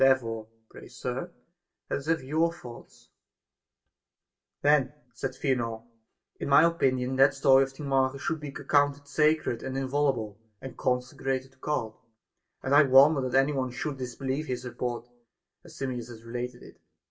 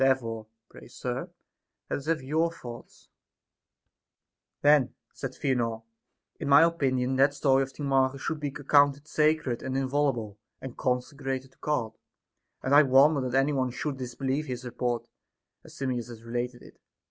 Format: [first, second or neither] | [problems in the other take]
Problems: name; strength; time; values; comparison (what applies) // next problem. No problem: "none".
second | room echo; dies away in 0.2 s